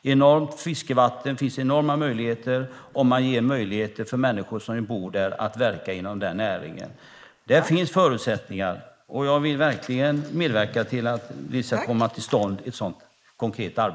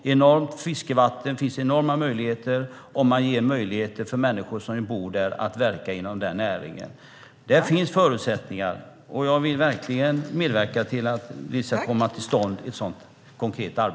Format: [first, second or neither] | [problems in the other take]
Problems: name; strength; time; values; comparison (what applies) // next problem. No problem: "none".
second | noise reduction (neural mask model Resemble Enhance denoiser)